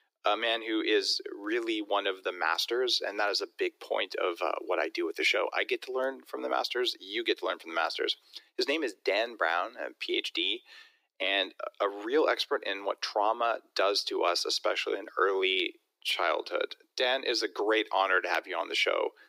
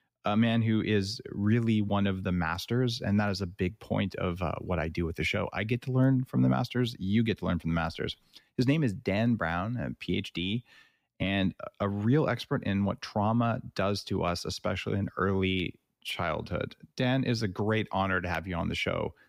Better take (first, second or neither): second